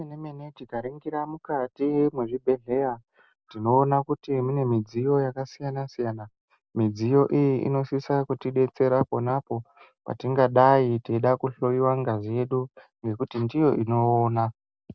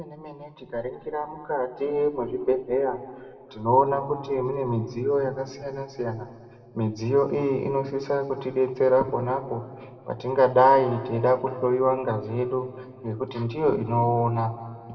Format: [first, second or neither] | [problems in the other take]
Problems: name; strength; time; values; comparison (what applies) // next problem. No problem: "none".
first | room echo; dies away in 1.9 s